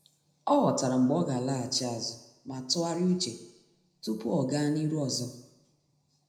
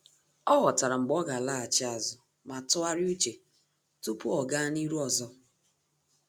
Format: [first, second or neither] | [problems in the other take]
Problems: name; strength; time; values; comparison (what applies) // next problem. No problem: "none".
second | room echo; dies away in 0.7 s